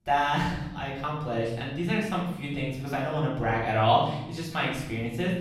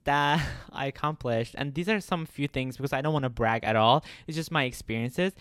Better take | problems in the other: second | room echo; noticeable; dies away in 0.8 s // off-mic speech; far

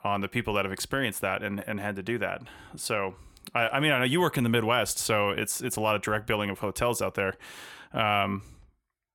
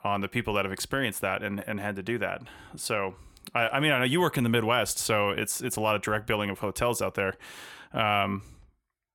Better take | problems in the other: neither | none

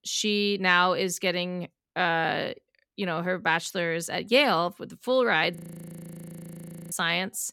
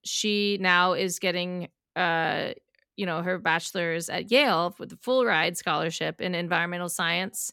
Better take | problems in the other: second | audio freezing; at 5.5 s for 1.5 s

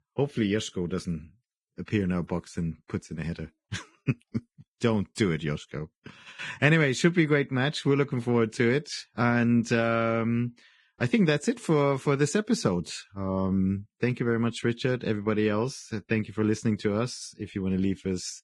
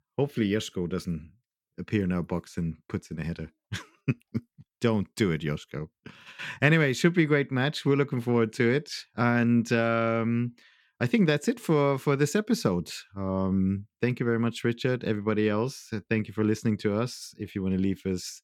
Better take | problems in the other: second | garbled, watery; badly; nothing above 10 kHz

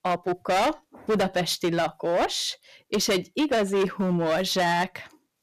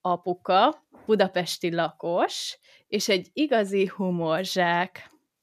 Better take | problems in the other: second | distortion; heavy; 15% of the sound clipped

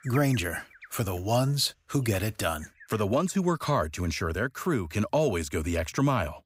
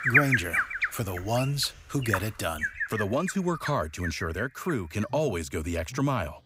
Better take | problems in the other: first | animal sounds; loud; throughout; 1 dB below the speech; faint in the first

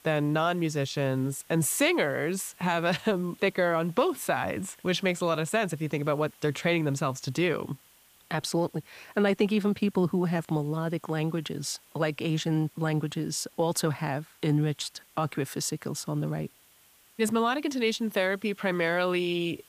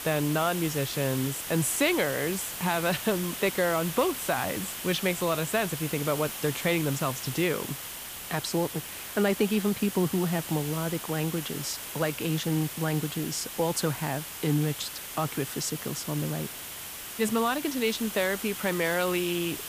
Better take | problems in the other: first | hiss; loud; throughout; 7 dB below the speech; faint in the first

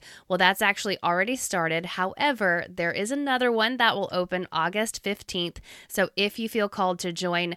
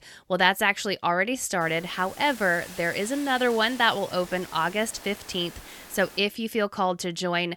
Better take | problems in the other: first | hiss; noticeable; from 1.5 to 6 s; 15 dB below the speech

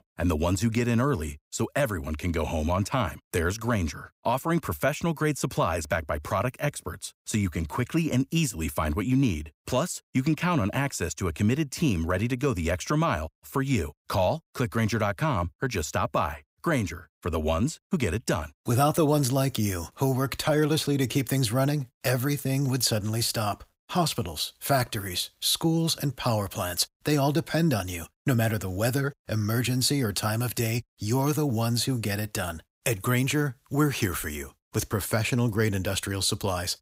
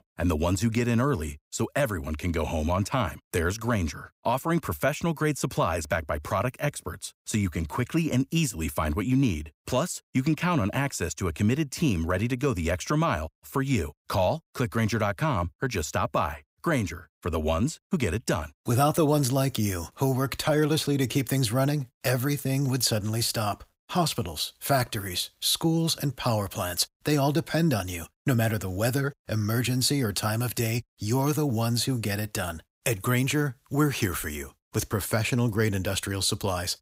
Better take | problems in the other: neither | none

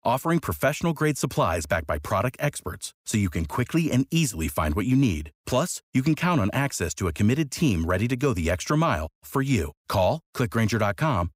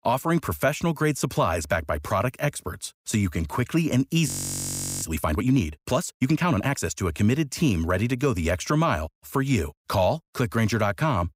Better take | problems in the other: first | audio freezing; at 4.5 s for 0.5 s

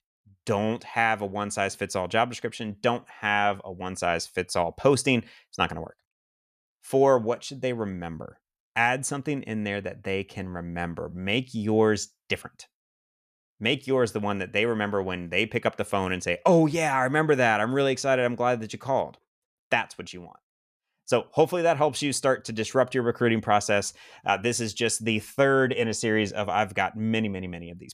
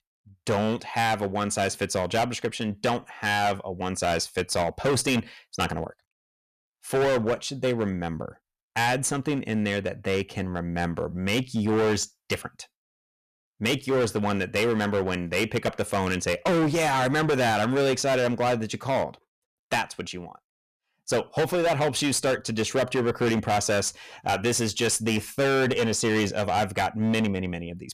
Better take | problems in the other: first | distortion; heavy; 15% of the sound clipped

